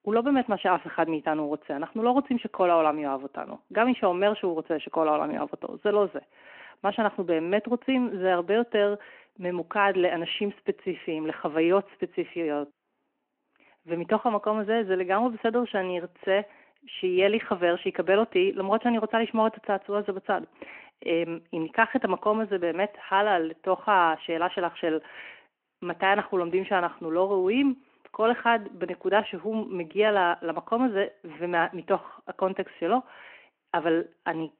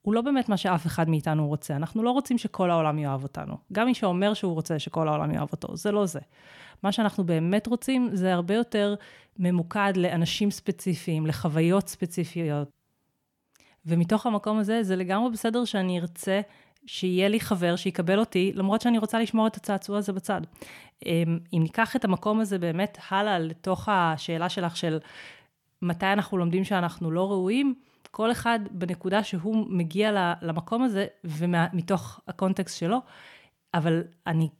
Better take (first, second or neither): second